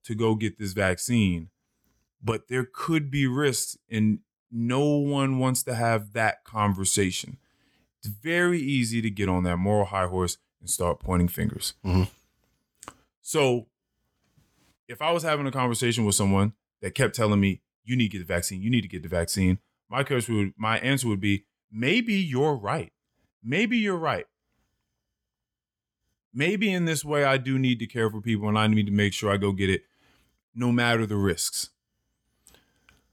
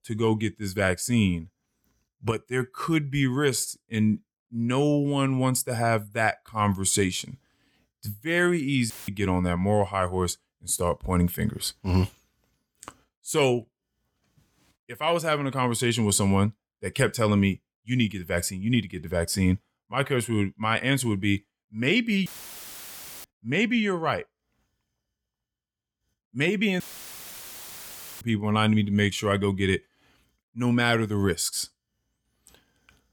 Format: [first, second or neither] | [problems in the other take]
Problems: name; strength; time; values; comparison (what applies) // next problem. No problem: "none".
first | audio cutting out; filled with static; at 9 s, at 22 s for 1 s and at 27 s for 1.5 s